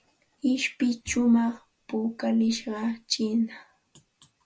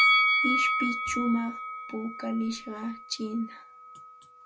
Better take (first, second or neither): first